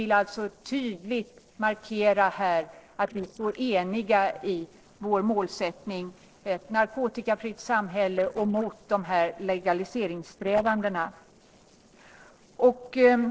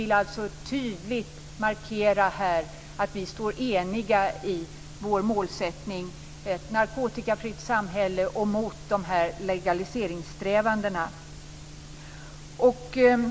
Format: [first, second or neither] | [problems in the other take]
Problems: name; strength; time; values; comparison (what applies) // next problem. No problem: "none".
second | noise reduction (neural separator model SepFormer DNS4)